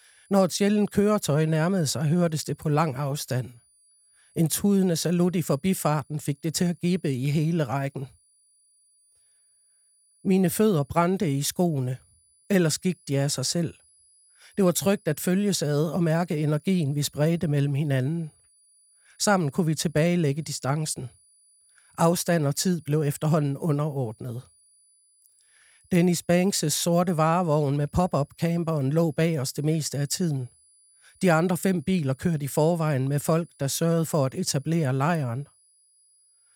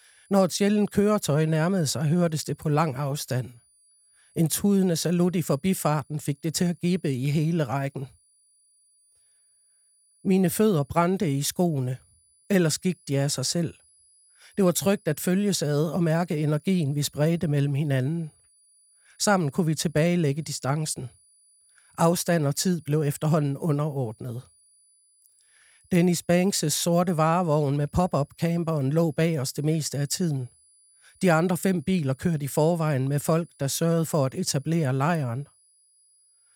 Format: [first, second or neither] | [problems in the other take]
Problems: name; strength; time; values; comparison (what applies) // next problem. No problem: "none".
neither | high-pitched whine; faint; throughout; 10 kHz, 35 dB below the speech; the same in both